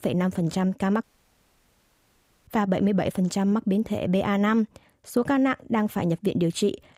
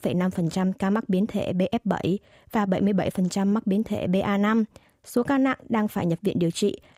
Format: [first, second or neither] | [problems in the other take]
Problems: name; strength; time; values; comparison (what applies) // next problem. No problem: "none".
second | audio cutting out; at 1 s for 1.5 s